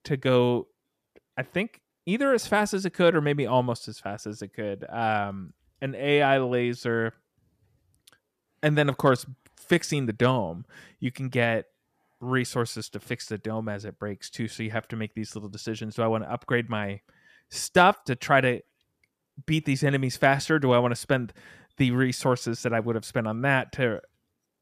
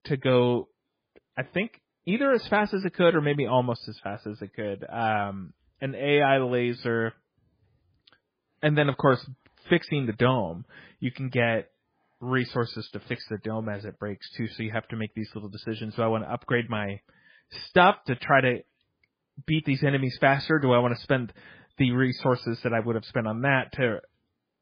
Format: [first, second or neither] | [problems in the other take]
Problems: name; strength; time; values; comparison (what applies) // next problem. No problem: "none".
first | garbled, watery; badly